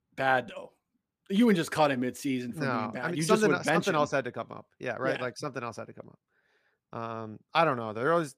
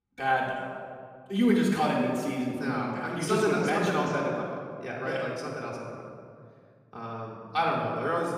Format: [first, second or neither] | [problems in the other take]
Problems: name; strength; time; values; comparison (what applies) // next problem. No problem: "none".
first | off-mic speech; far // room echo; noticeable; dies away in 1.7 s